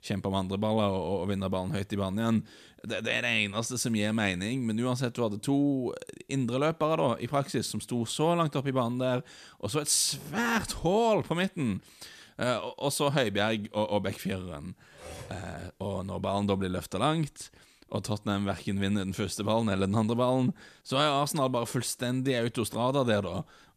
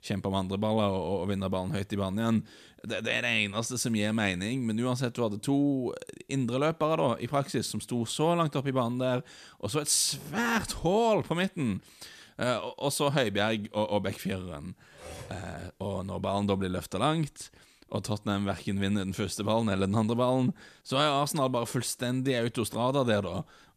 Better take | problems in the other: neither | clattering dishes; faint; at 15 s; peak 15 dB below the speech; the same in both

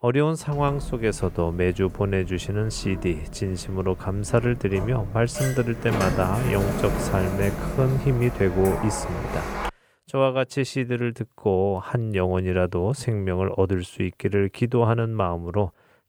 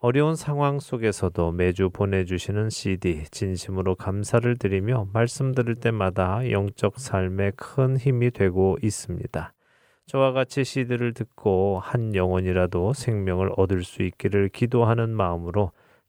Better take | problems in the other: second | door banging; noticeable; from 0.5 to 9.5 s; peak 1 dB below the speech

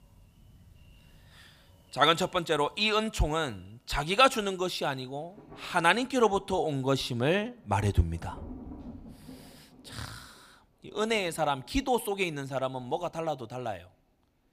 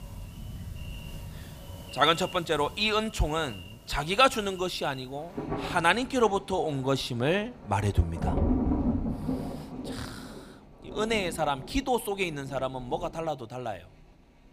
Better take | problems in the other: first | rain or running water; loud; throughout; 8 dB below the speech; faint in the first

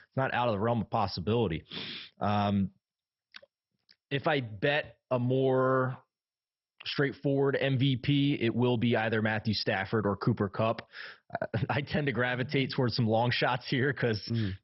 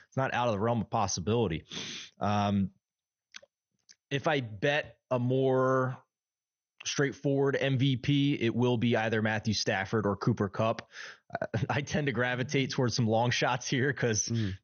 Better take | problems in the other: second | garbled, watery; badly; nothing above 5.5 kHz; slightly in the second

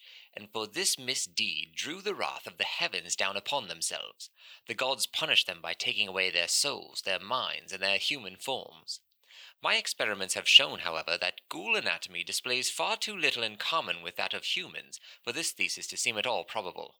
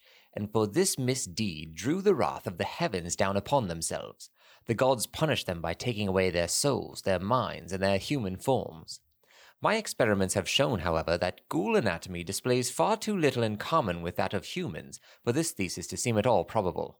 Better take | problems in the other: second | thin; somewhat; fading below 1 kHz

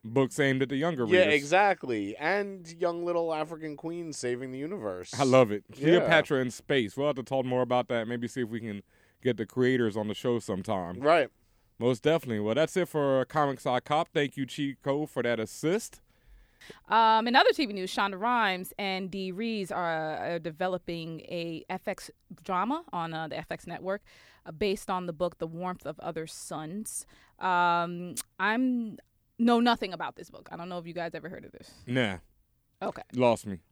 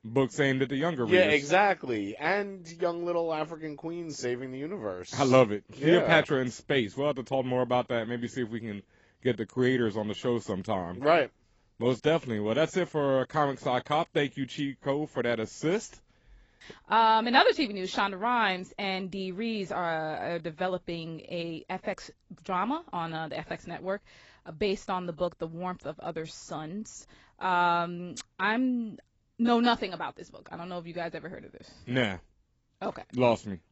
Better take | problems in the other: first | garbled, watery; badly; nothing above 7.5 kHz

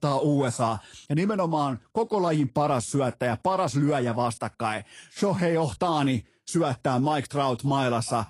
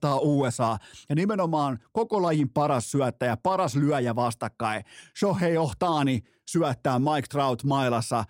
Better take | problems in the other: second | garbled, watery; slightly

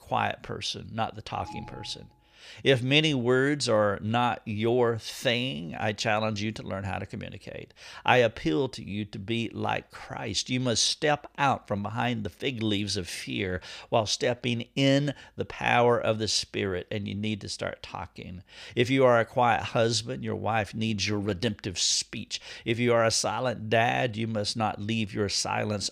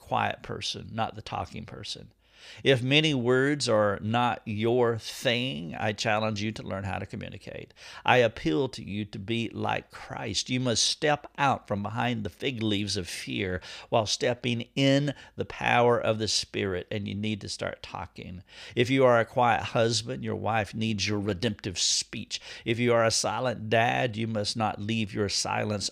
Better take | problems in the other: second | alarm; faint; at 1.5 s; peak 15 dB below the speech

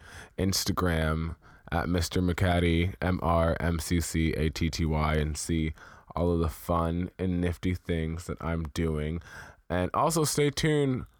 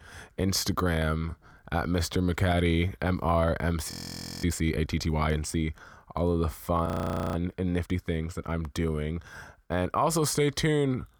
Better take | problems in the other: first | audio freezing; at 4 s for 0.5 s and at 7 s

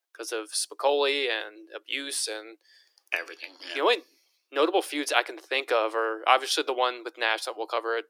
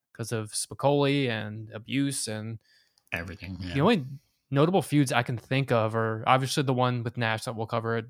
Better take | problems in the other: second | thin; very; fading below 300 Hz

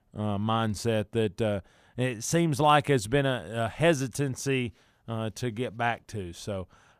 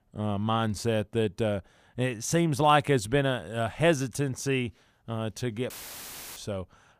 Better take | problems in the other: first | audio cutting out; filled with static; at 5.5 s for 0.5 s

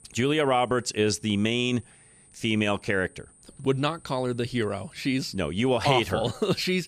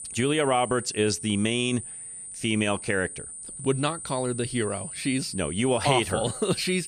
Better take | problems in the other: first | high-pitched whine; loud; throughout; 9 kHz, 9 dB below the speech; faint in the first

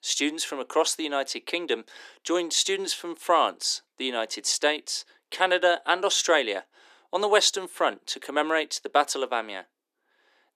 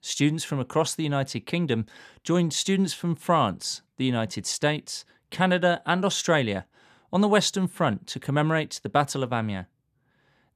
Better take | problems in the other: second | thin; very; fading below 300 Hz

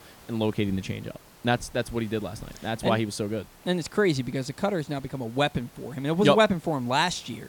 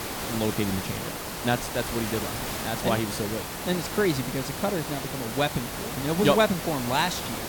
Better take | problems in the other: first | hiss; loud; throughout; 4 dB below the speech; faint in the first

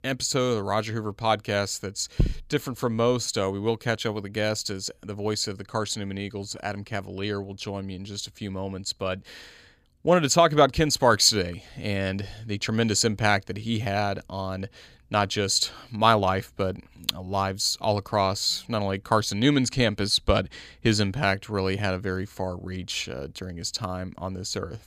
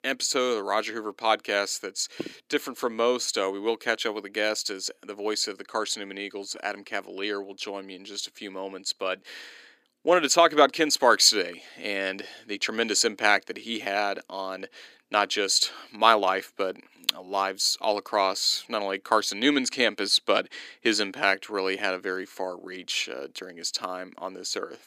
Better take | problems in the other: first | thin; somewhat; fading below 300 Hz

